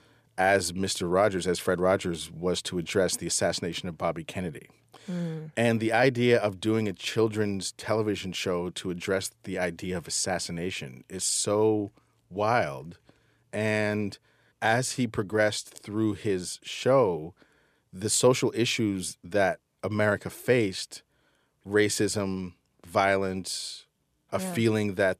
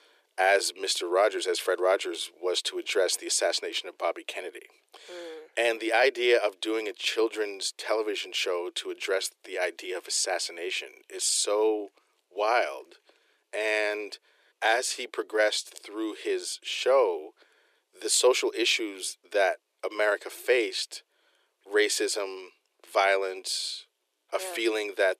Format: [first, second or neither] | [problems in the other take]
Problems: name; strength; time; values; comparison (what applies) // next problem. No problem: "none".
first | thin; very; fading below 350 Hz